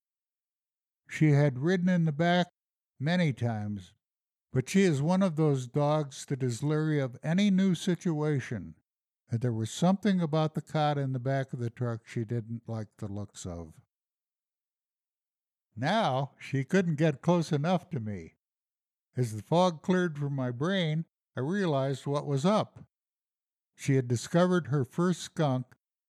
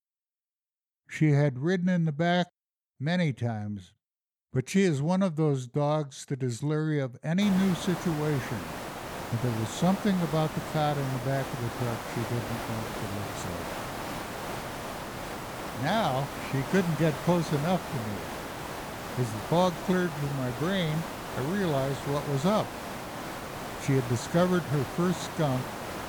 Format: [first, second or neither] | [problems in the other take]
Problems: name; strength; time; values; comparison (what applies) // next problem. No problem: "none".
first | hiss; loud; from 7.5 s on; 8 dB below the speech